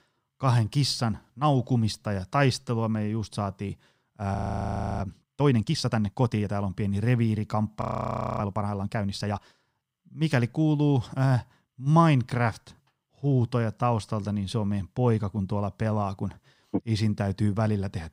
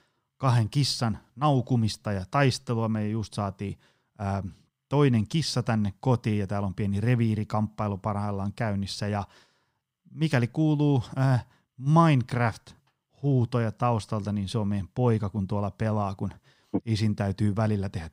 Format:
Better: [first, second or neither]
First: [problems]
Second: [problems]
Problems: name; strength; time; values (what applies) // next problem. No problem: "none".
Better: second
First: audio freezing; at 4.5 s for 0.5 s and at 8 s for 0.5 s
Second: none